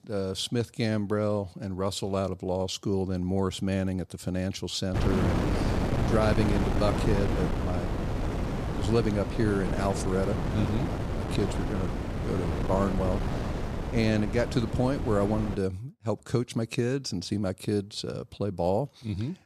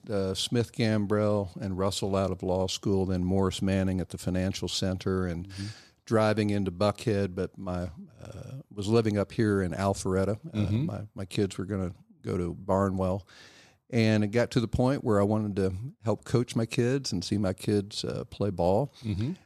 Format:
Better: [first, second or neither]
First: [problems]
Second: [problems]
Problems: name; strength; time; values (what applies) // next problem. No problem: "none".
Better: second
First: wind noise on the microphone; heavy; from 5 to 16 s; 3 dB below the speech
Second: none